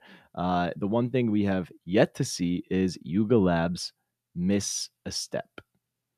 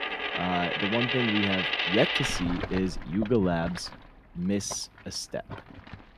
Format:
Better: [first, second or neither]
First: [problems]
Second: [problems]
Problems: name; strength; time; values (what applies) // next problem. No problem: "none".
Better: first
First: none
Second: household noises; very loud; throughout; 1 dB above the speech